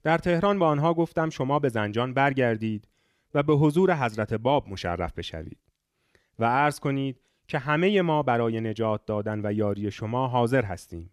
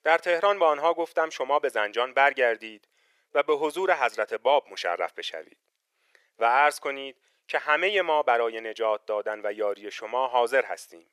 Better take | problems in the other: first | thin; very; fading below 500 Hz

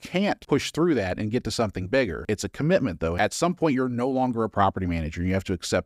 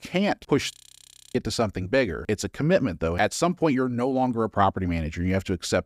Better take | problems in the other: first | audio freezing; at 0.5 s for 0.5 s

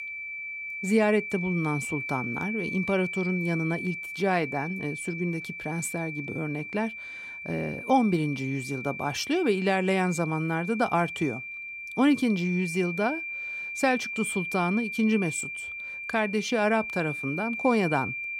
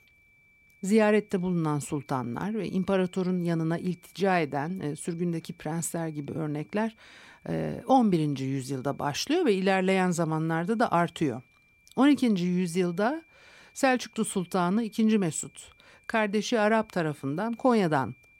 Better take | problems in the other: second | high-pitched whine; loud; throughout; 2.5 kHz, 6 dB below the speech; faint in the second

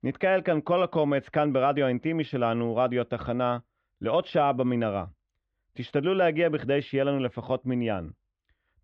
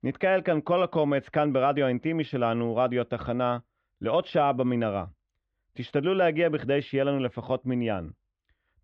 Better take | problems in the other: neither | muffled; slightly; fading above 3.5 kHz; the same in both

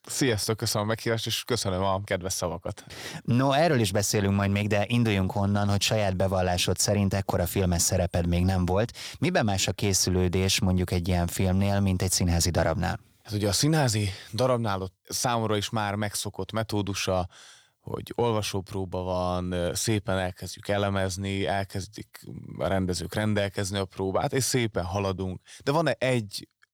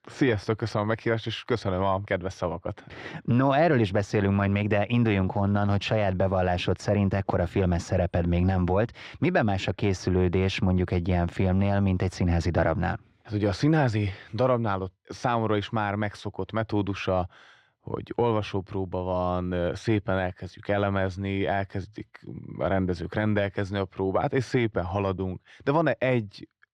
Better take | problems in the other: first | muffled; very; fading above 2 kHz

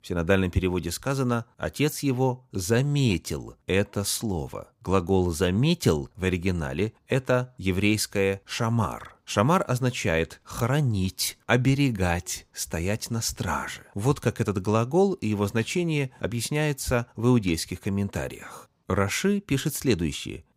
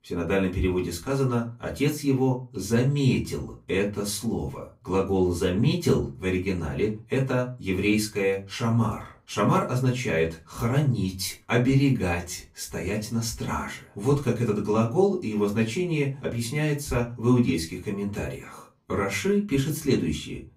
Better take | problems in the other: first | off-mic speech; far // room echo; very slight; dies away in 0.2 s

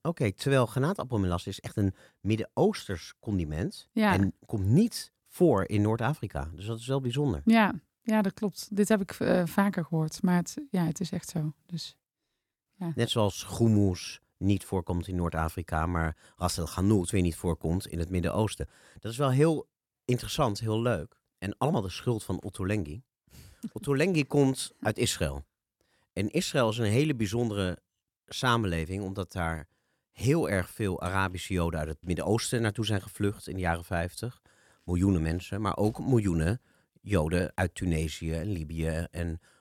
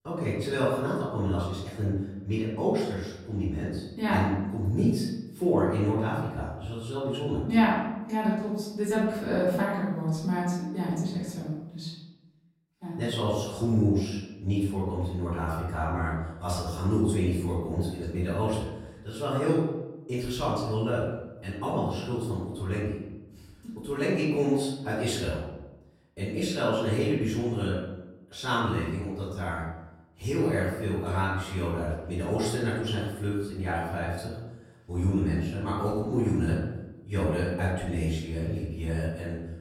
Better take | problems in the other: first | room echo; noticeable; dies away in 0.9 s // off-mic speech; far

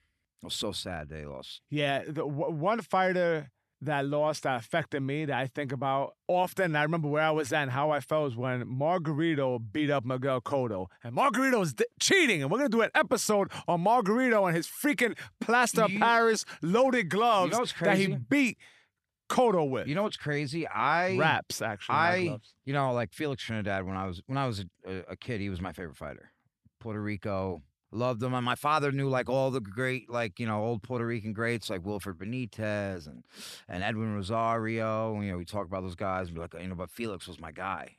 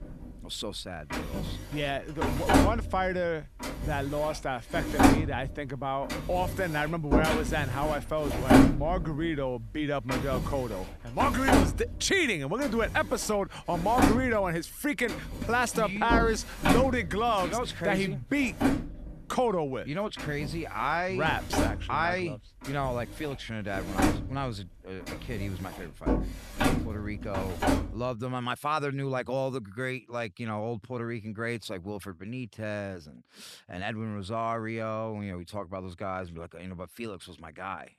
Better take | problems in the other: first | household noises; very loud; until 28 s; 2 dB above the speech

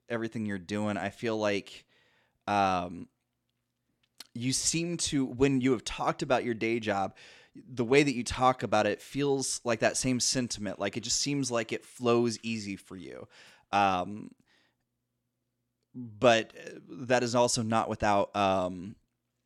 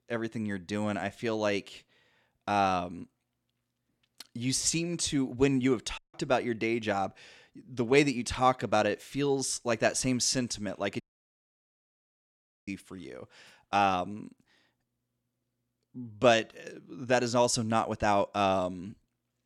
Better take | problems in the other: first | audio cutting out; at 6 s and at 11 s for 1.5 s

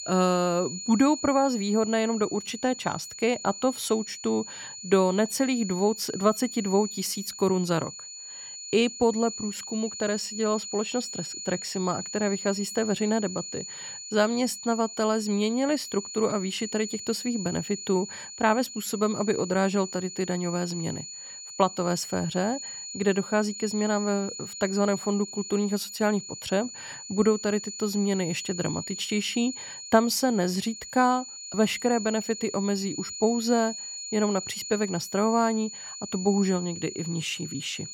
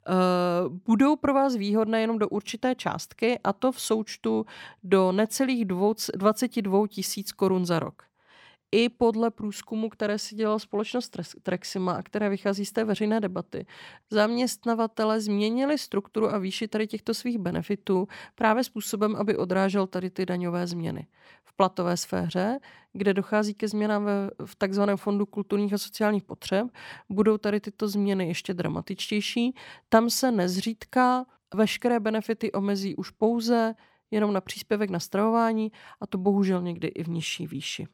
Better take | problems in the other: second | high-pitched whine; loud; throughout; 7 kHz, 9 dB below the speech

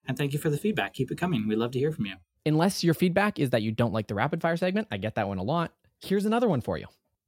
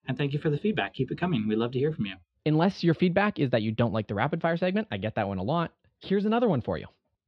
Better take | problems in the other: first | muffled; very slightly; fading above 4 kHz

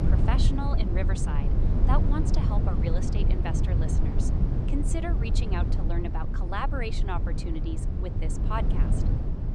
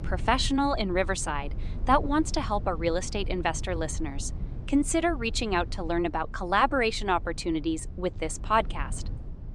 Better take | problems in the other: second | low rumble; loud; throughout; 3 dB below the speech; faint in the second

